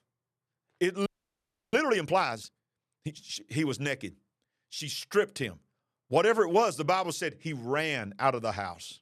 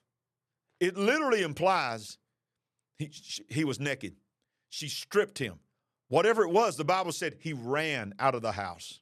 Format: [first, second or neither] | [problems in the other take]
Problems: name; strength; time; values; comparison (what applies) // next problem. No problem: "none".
second | audio freezing; at 1 s for 0.5 s